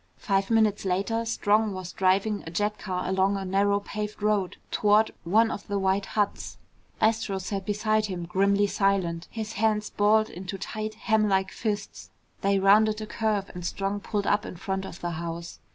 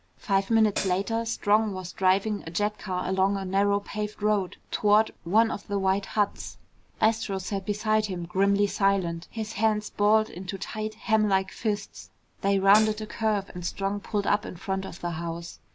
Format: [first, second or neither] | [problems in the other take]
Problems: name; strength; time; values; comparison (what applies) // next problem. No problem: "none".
first | background sound (Hi-hat); 9 dB below the speech